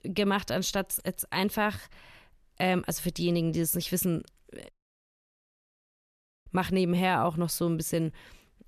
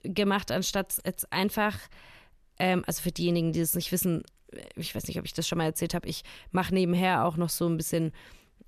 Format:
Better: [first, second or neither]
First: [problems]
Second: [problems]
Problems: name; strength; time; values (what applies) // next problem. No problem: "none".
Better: second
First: audio cutting out; at 4.5 s for 2 s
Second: none